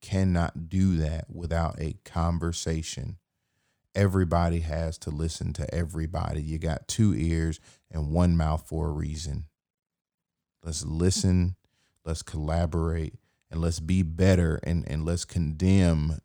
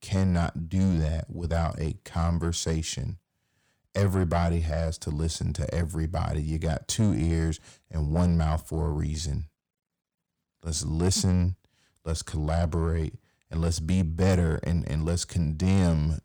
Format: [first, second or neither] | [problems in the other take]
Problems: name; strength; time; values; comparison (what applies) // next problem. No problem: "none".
first | distortion; slight; 10 dB below the speech